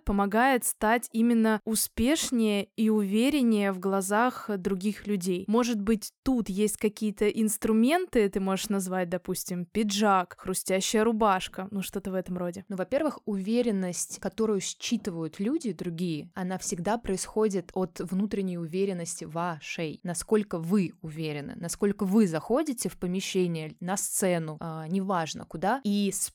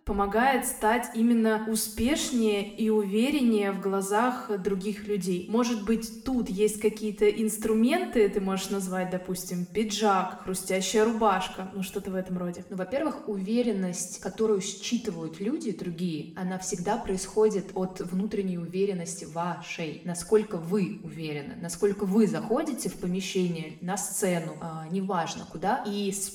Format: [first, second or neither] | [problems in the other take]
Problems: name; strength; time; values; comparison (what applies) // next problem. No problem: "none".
first | room echo; slight; dies away in 0.8 s